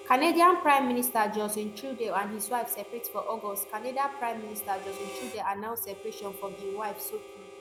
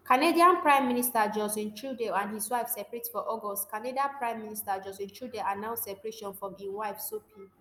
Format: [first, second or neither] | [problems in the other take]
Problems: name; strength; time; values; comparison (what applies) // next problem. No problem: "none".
second | background sound (Harmonica); 16 dB below the speech